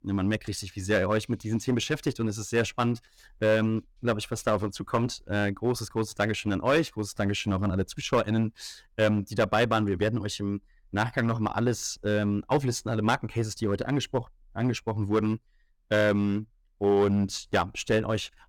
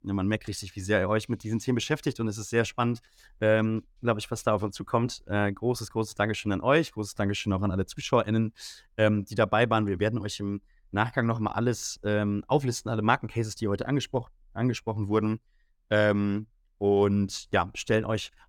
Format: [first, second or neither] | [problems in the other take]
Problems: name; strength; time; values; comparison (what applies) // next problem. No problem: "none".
second | distortion; slight; 4% of the sound clipped